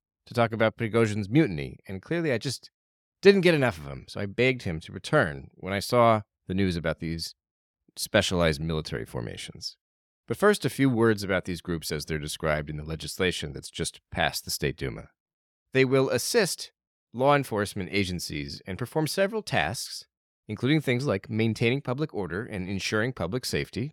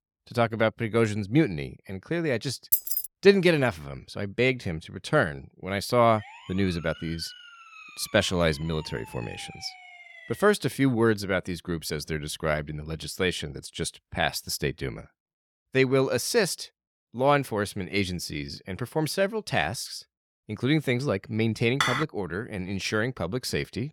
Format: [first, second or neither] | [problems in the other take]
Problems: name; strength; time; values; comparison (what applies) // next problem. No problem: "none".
first | jangling keys; loud; at 2.5 s; peak 4 dB above the speech // siren; faint; from 6 to 11 s; peak 15 dB below the speech // clattering dishes; loud; at 22 s; peak 1 dB above the speech